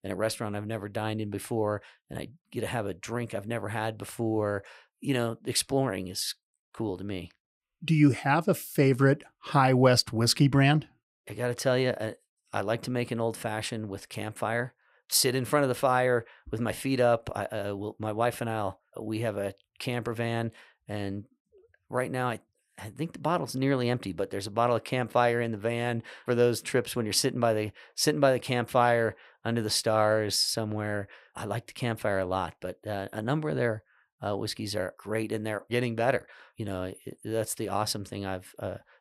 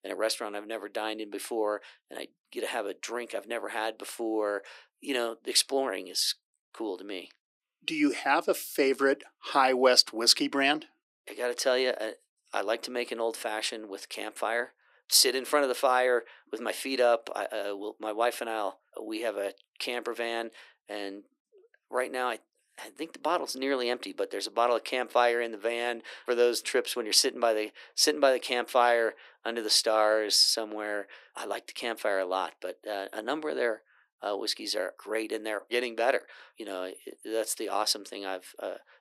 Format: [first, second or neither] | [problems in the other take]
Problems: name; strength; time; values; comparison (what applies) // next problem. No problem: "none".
first | thin; somewhat; fading below 300 Hz